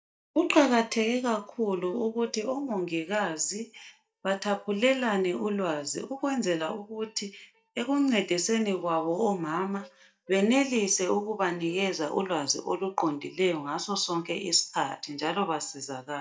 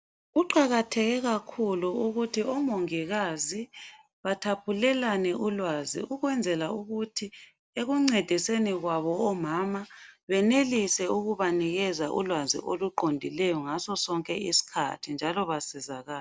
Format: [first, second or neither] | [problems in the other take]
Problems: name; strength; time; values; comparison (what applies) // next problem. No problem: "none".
second | noise reduction (neural mask model DeepFilterNet 3)